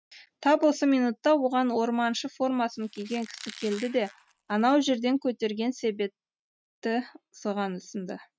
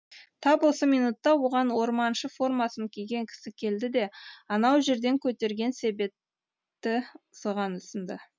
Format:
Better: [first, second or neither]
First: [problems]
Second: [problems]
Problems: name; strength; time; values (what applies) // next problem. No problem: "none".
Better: second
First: noise reduction (neural mask model RNNoise)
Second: none